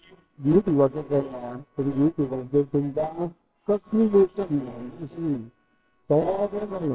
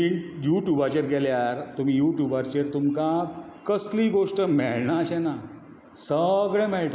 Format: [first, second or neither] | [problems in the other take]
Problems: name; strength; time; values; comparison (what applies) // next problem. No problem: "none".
second | noise reduction (neural separator model SepFormer WHAMR!)